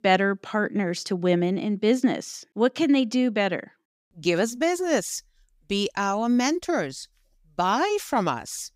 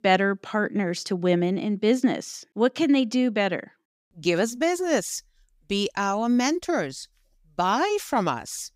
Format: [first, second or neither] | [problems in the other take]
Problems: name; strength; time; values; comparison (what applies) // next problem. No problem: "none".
neither | none